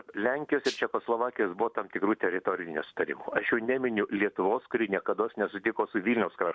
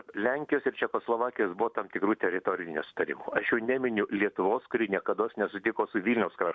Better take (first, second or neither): second